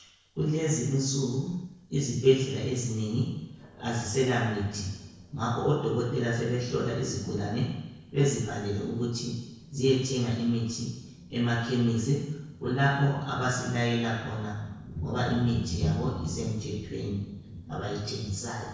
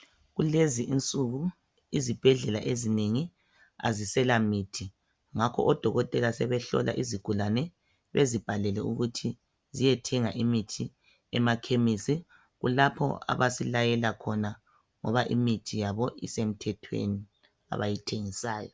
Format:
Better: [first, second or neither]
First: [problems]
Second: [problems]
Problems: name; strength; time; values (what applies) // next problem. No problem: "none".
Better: second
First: noise reduction (neural separator model SepFormer DNS4)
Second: none